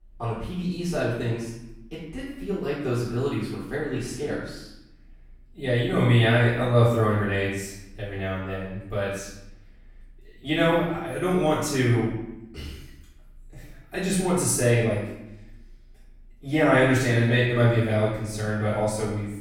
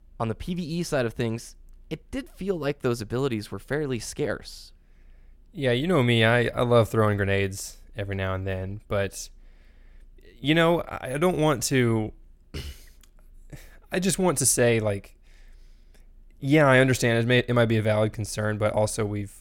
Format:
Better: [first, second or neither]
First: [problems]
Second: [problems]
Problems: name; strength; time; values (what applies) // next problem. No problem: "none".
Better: second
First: off-mic speech; far // room echo; noticeable; dies away in 0.8 s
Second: none